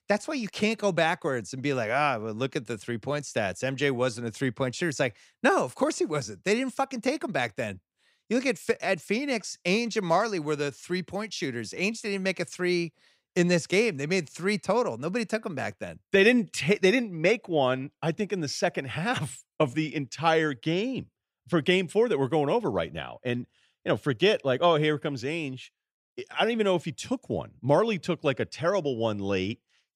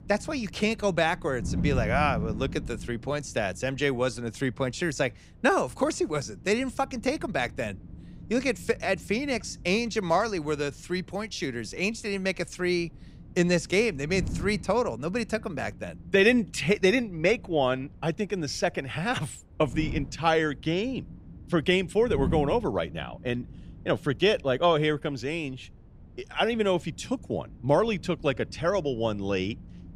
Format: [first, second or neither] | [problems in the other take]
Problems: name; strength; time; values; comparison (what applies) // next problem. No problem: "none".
first | wind noise on the microphone; occasional gusts; 20 dB below the speech